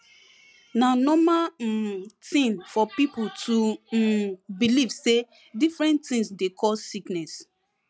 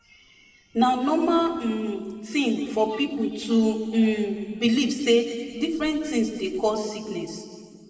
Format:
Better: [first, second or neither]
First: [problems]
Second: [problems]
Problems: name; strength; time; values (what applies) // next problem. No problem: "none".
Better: first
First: none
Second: noise reduction (neural separator model SepFormer DNS4)